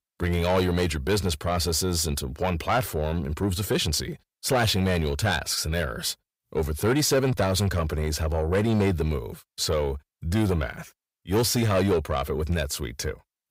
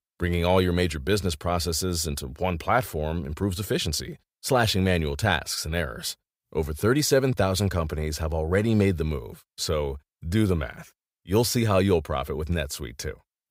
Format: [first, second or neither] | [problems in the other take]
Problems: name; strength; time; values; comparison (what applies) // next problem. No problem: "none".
second | distortion; slight; 10 dB below the speech